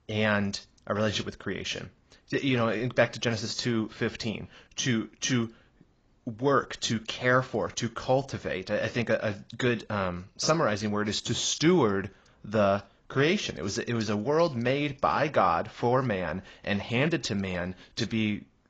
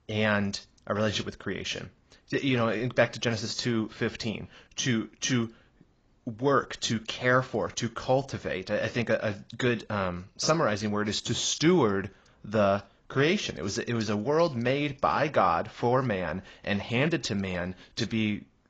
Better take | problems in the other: neither | garbled, watery; badly; the same in both

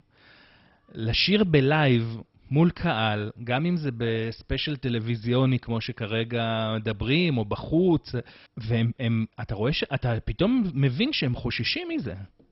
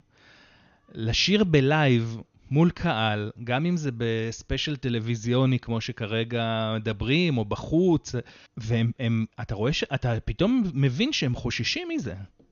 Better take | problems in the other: second | garbled, watery; badly; nothing above 5.5 kHz; slightly in the second

